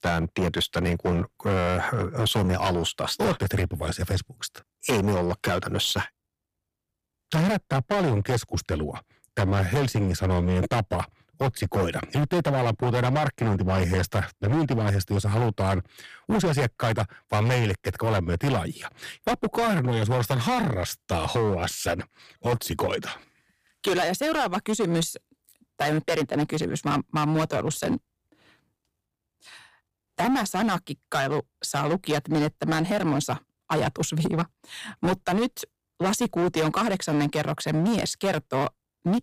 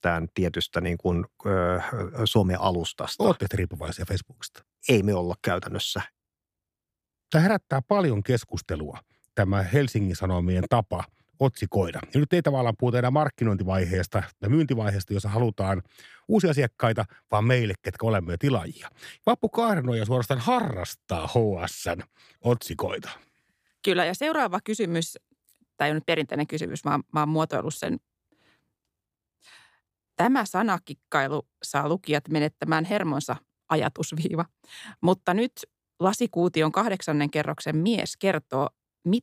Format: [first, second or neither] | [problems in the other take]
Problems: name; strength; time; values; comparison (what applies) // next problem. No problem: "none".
second | distortion; heavy; 15% of the sound clipped